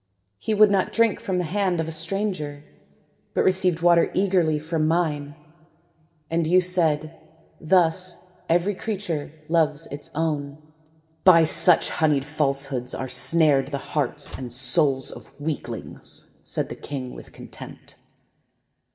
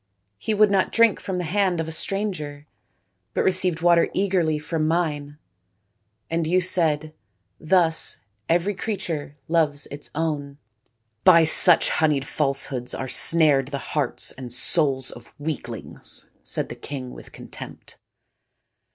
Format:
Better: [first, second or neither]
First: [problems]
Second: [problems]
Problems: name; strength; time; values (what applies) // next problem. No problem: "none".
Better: second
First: background sound (Slam); 16 dB below the speech // room echo; dies away in 1.4 s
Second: none